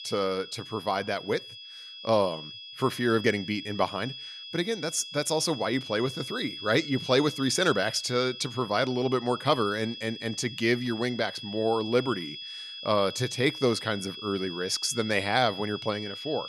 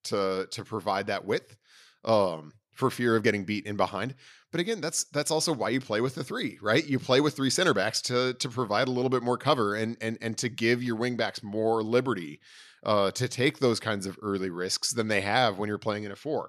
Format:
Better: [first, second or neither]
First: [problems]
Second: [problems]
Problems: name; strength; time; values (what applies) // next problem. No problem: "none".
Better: second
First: high-pitched whine; noticeable; throughout; 3.5 kHz, 10 dB below the speech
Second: none